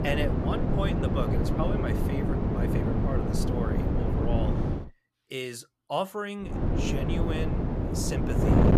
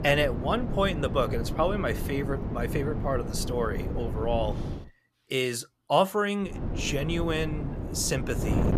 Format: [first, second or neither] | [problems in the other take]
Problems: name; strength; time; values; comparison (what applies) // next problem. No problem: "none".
second | wind noise on the microphone; heavy; until 5 s and from 6.5 s on; 1 dB above the speech; occasional gusts in the second